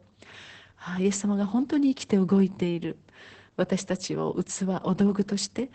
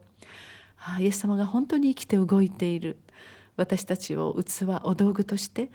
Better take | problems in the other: second | garbled, watery; badly; nothing above 8 kHz; slightly in the second

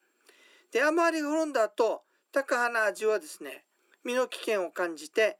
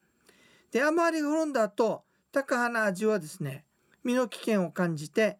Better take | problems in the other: second | thin; somewhat; fading below 300 Hz

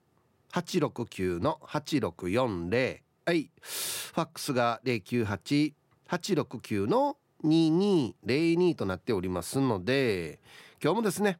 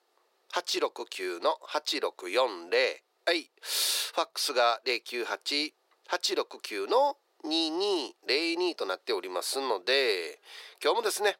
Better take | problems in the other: first | thin; very; fading below 400 Hz

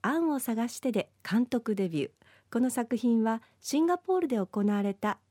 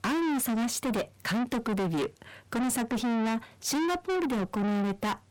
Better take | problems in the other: first | distortion; heavy; 5 dB below the speech

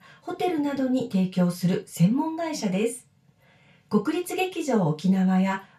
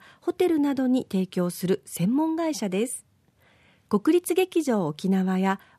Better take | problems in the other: second | room echo; very slight; dies away in 0.2 s // off-mic speech; far

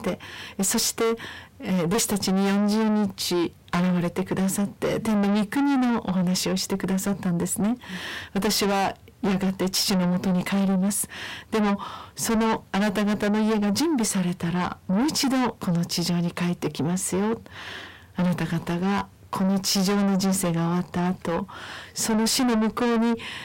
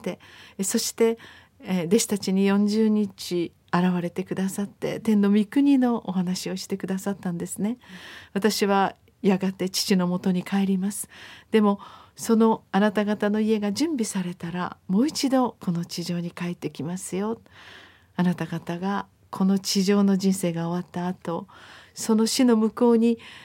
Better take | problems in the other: second | distortion; heavy; 5 dB below the speech

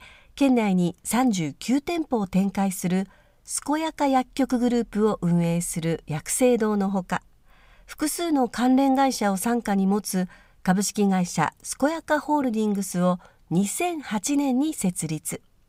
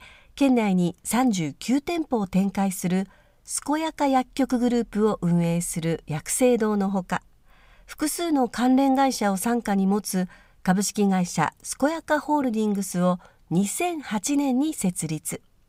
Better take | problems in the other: neither | none

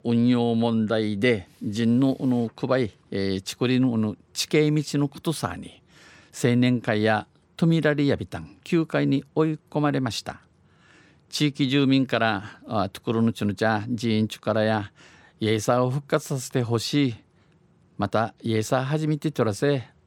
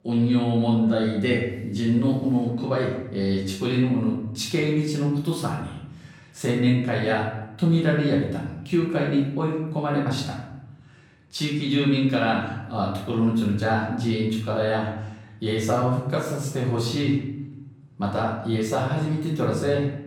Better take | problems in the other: first | off-mic speech; far // room echo; noticeable; dies away in 0.9 s

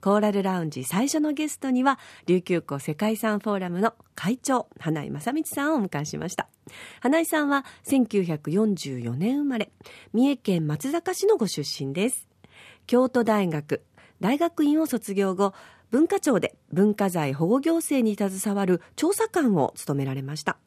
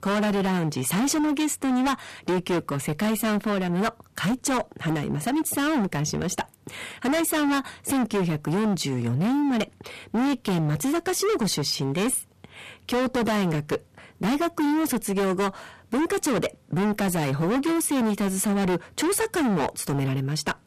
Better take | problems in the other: first | distortion; heavy; 28% of the sound clipped

